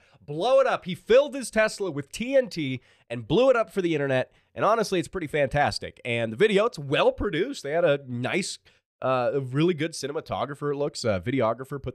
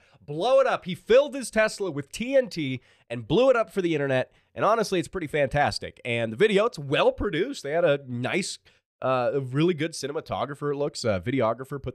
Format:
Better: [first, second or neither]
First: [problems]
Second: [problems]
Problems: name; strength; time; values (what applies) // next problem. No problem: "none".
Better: neither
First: none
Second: none